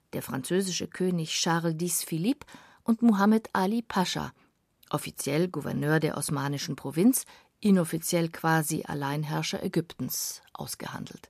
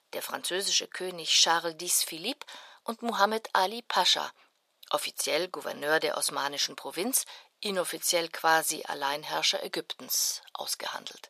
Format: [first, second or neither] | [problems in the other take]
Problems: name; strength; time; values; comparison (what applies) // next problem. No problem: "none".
first | thin; very; fading below 650 Hz